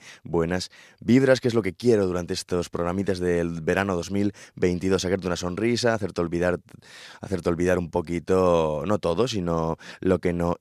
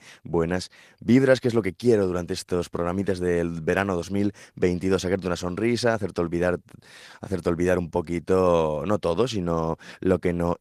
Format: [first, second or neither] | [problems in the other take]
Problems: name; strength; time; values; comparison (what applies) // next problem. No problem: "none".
first | garbled, watery; slightly; nothing above 14.5 kHz